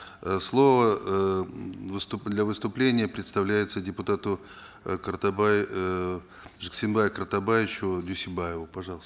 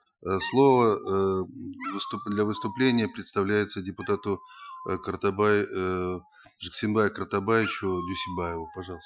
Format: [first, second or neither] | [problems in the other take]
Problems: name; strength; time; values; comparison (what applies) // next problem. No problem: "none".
first | noise reduction (classical method Wiener filter)